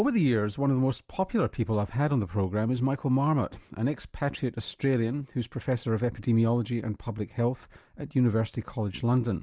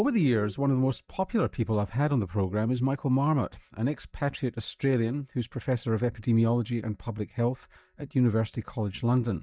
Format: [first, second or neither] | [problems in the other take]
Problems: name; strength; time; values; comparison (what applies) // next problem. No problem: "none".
first | noise reduction (neural mask model DeepFilterNet 3)